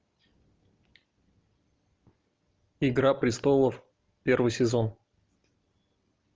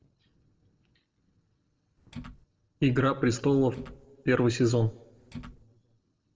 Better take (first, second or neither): first